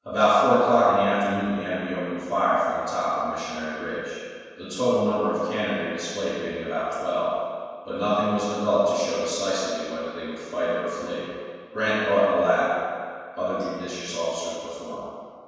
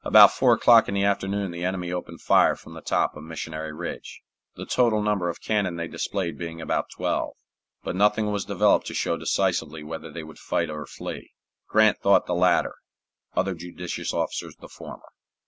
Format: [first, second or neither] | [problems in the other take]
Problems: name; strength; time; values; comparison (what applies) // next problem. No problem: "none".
second | room echo; dies away in 1.9 s